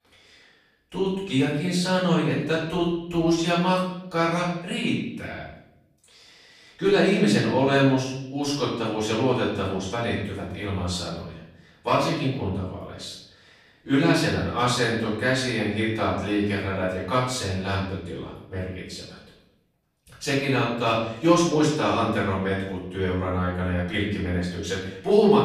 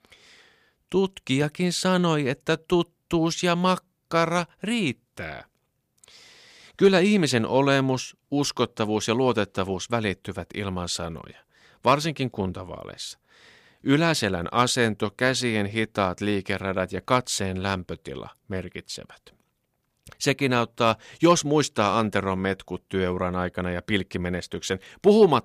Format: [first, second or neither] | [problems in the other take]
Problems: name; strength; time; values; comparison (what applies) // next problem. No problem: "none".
second | off-mic speech; far // room echo; noticeable; dies away in 0.7 s